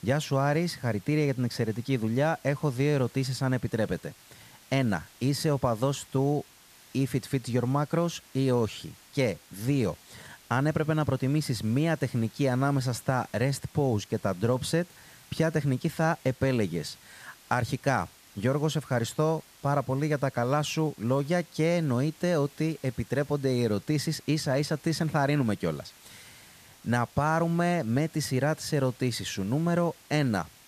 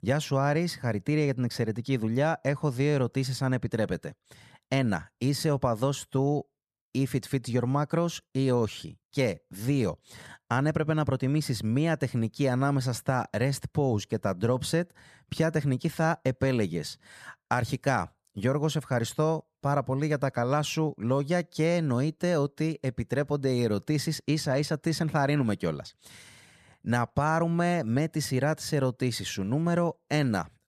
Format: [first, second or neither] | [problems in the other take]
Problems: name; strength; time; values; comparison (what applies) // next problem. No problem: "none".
second | hiss; faint; throughout; 25 dB below the speech